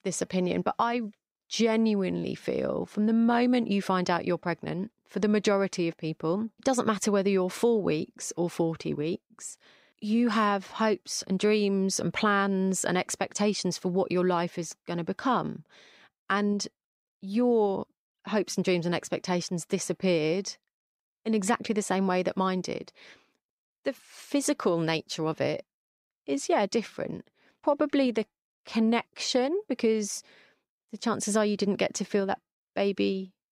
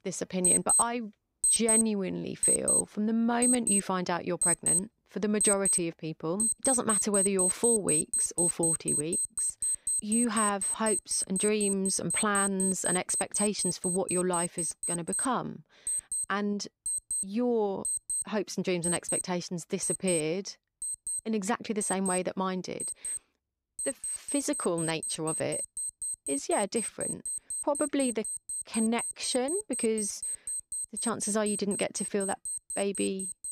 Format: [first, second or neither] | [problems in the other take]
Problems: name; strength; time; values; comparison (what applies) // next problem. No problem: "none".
first | alarms or sirens; very loud; throughout; 2 dB above the speech